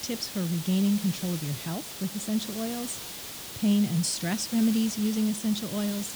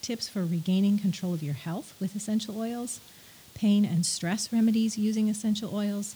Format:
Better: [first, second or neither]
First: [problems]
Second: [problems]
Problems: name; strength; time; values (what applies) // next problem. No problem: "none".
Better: second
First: hiss; loud; throughout; 8 dB below the speech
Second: hiss; faint; throughout; 20 dB below the speech